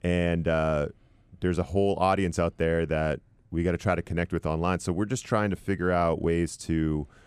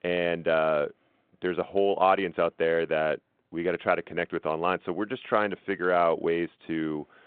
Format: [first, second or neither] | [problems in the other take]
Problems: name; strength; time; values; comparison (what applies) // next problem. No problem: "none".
first | phone-call audio